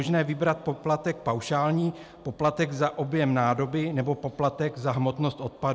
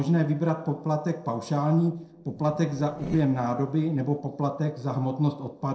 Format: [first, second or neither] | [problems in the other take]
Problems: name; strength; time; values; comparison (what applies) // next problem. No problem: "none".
first | noise reduction (neural separator model SepFormer DNS4)